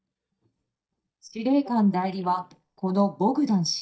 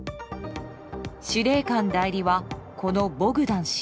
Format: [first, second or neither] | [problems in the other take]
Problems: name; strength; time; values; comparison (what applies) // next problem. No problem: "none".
second | noise reduction (neural mask model DeepFilterNet 3)